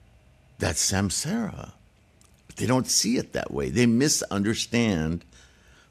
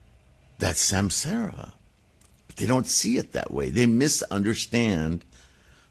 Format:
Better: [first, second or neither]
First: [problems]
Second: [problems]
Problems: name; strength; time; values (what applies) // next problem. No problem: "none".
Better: first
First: none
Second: garbled, watery; slightly; nothing above 12.5 kHz